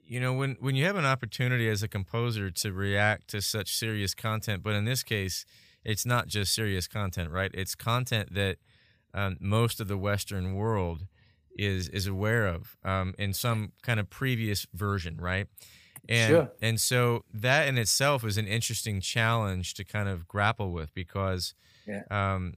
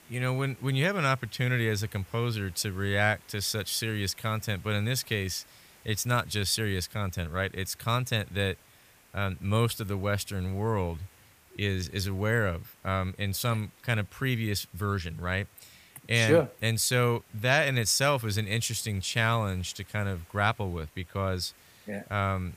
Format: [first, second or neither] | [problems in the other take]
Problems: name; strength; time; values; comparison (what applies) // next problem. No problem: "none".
first | hiss; faint; throughout; 25 dB below the speech